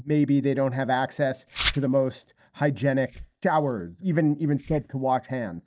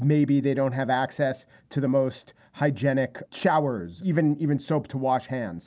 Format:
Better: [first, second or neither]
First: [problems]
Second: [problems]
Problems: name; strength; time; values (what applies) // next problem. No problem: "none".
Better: second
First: noise reduction (neural mask model DeepFilterNet 3)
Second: none